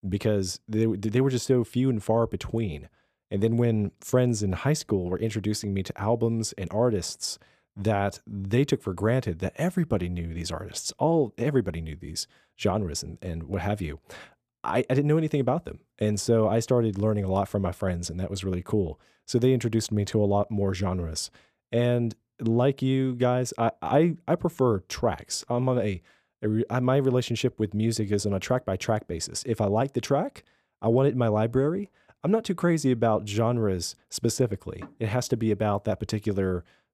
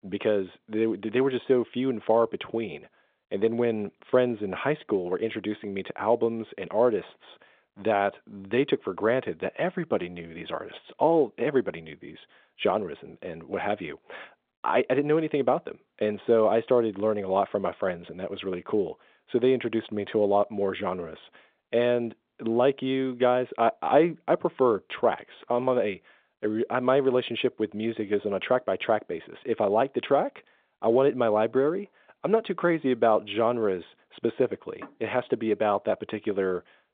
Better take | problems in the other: first | phone-call audio

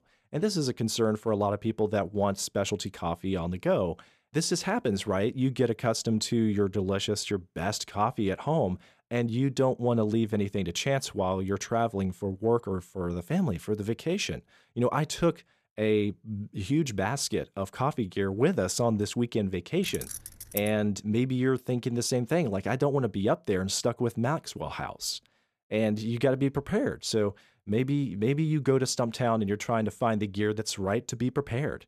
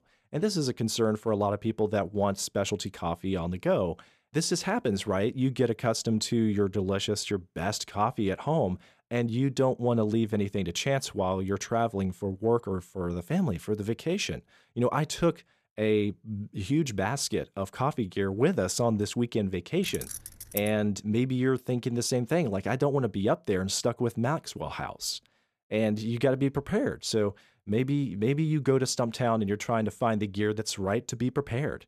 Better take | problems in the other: neither | jangling keys; noticeable; at 20 s; peak 8 dB below the speech; the same in both

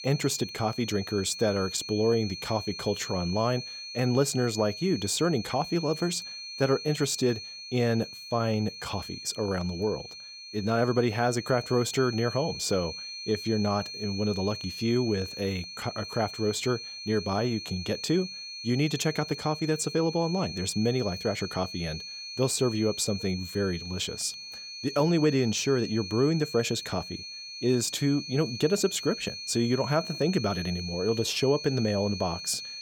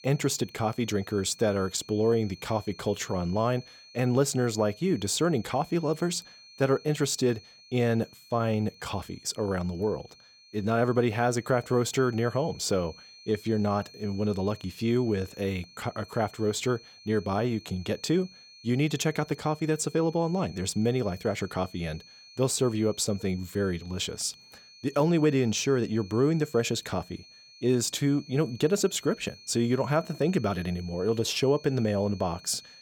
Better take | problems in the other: second | high-pitched whine; loud; throughout; 4.5 kHz, 9 dB below the speech; faint in the second

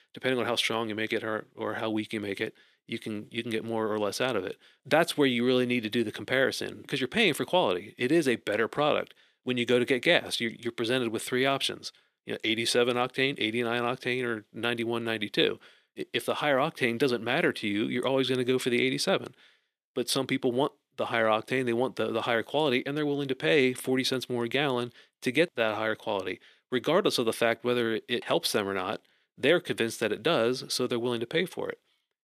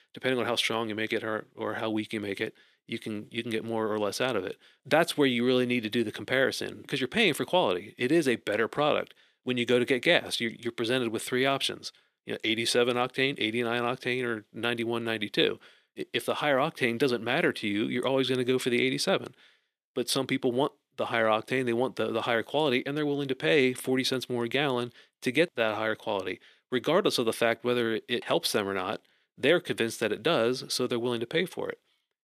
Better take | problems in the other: neither | thin; very slightly; fading below 250 Hz; the same in both

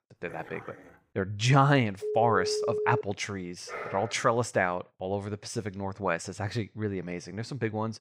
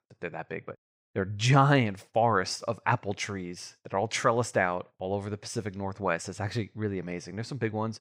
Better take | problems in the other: second | dog barking; faint; at 0.5 s; peak 15 dB below the speech // phone ringing; noticeable; from 2 to 3 s; peak 1 dB below the speech // dog barking; noticeable; at 3.5 s; peak 9 dB below the speech

